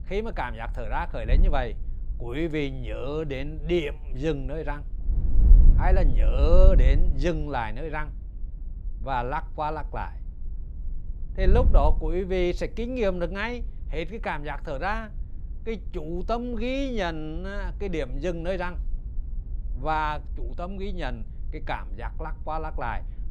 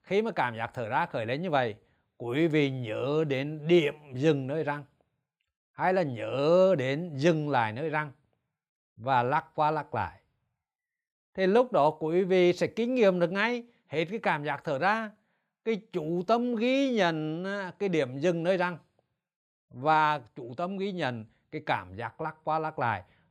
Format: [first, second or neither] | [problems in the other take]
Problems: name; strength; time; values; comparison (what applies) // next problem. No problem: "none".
second | wind noise on the microphone; occasional gusts; 20 dB below the speech